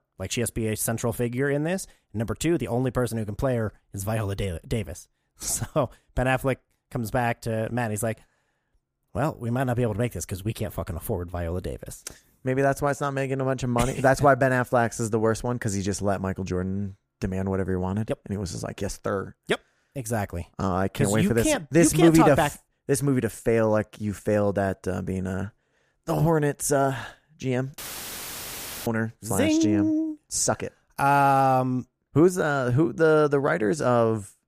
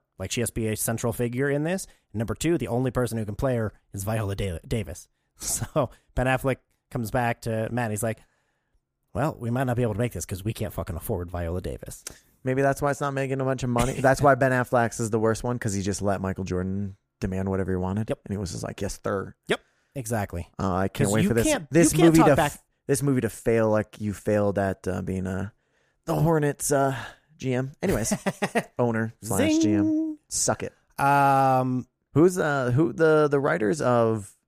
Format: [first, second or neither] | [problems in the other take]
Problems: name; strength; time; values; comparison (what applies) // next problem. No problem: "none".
second | audio cutting out; filled with static; at 28 s for 1 s